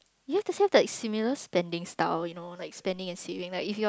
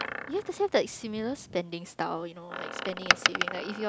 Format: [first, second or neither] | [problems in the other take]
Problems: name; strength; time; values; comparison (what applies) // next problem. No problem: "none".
first | background sound (Door); 1 dB below the speech